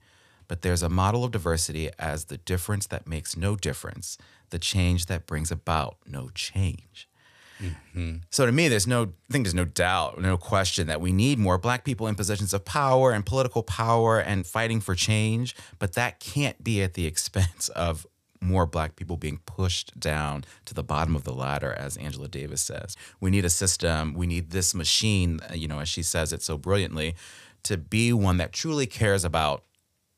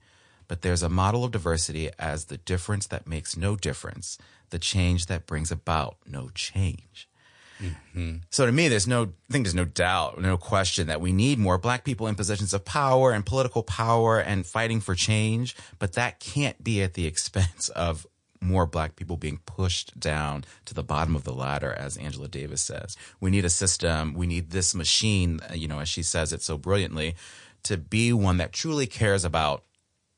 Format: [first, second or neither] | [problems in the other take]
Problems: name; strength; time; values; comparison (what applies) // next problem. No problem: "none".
first | garbled, watery; slightly; nothing above 9 kHz